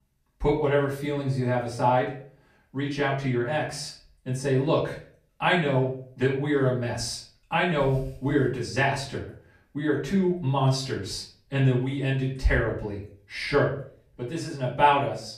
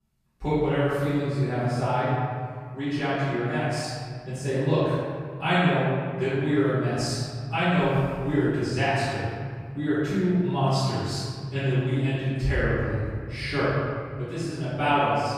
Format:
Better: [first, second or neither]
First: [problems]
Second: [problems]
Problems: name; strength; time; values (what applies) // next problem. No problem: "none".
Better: first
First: room echo; slight; dies away in 0.4 s // off-mic speech; far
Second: room echo; strong; dies away in 2.5 s // off-mic speech; far